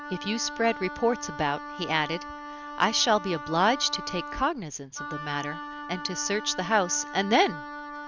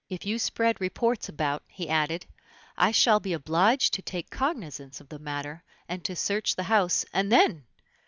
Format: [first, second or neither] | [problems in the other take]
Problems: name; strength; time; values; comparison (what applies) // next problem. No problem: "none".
second | background sound (Wind instrument, woodwind instrument); 10 dB below the speech